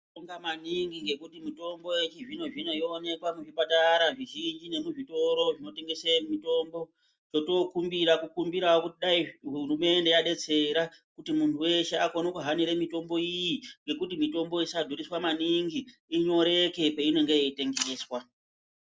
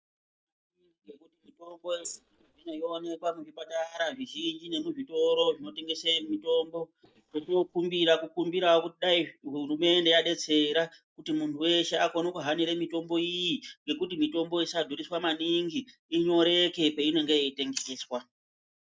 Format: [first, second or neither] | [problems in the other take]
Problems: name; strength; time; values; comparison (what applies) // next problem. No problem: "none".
first | noise reduction (neural mask model DeepFilterNet 3)